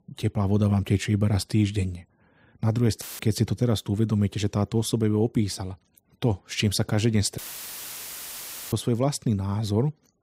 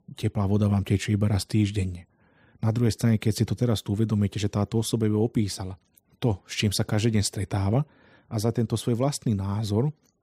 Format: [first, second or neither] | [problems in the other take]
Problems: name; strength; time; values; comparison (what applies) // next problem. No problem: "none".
second | audio cutting out; filled with static; at 3 s and at 7.5 s for 1.5 s